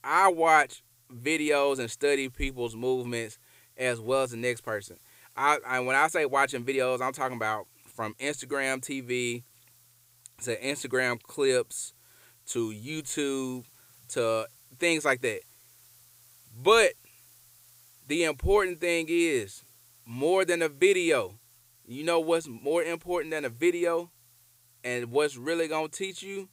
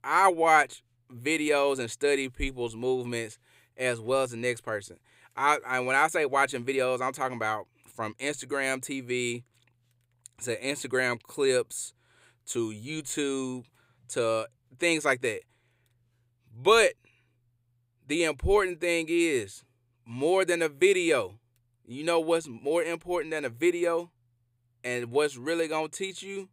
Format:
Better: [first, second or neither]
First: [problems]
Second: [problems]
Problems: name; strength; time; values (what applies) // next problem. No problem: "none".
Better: second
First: hiss; faint; throughout; 30 dB below the speech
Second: none